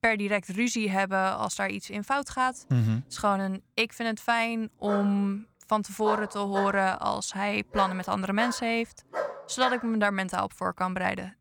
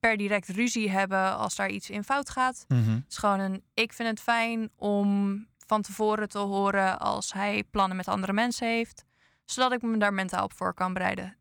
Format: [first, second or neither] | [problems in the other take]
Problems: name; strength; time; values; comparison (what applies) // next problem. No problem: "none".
second | dog barking; noticeable; from 5 to 10 s; peak 5 dB below the speech